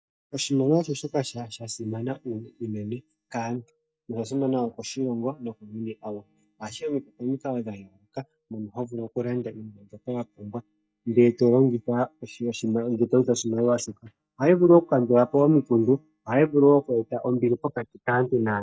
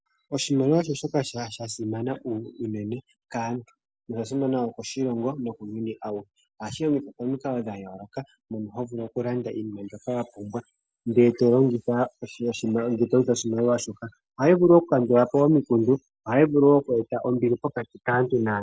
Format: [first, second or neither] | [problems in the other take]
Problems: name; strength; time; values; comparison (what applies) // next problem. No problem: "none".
second | noise reduction (neural mask model DeepFilterNet 3)